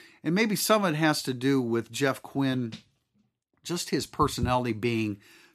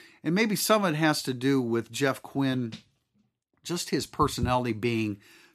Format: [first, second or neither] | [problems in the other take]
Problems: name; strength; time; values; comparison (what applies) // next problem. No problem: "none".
neither | none